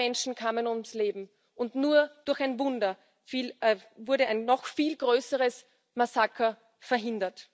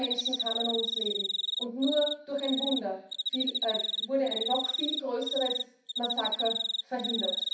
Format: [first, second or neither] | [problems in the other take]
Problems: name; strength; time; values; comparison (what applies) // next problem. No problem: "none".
first | background sound (Cricket); as loud as the speech // room echo; dies away in 0.6 s